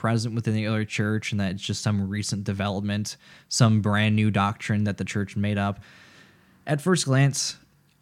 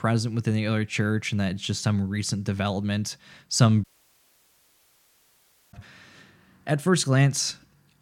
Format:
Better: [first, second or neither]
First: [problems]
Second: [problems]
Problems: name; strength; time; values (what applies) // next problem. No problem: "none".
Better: first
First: none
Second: audio cutting out; at 4 s for 2 s